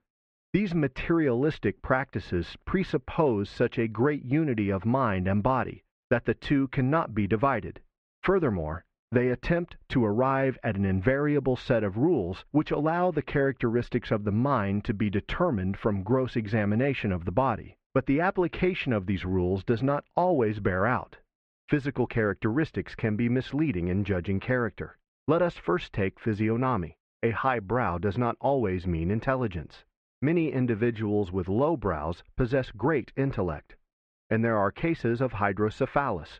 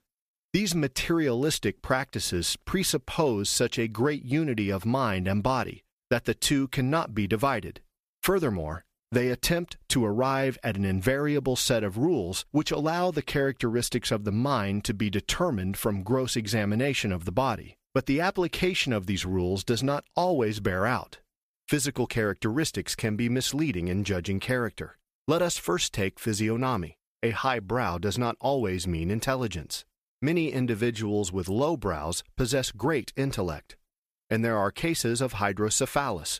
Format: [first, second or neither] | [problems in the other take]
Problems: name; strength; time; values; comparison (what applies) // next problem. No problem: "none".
second | muffled; very; fading above 2 kHz